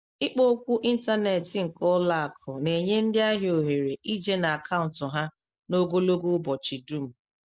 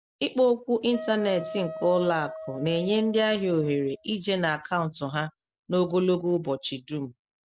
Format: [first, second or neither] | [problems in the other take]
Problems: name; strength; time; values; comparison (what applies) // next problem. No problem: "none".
first | background sound (Wind instrument, woodwind instrument); 13 dB below the speech